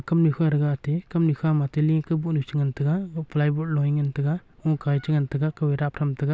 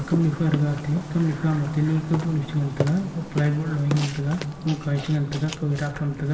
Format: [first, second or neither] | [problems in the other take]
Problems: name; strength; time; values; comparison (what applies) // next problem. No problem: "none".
first | background sound (Burping, eructation); 11 dB below the speech // room echo; dies away in 2.5 s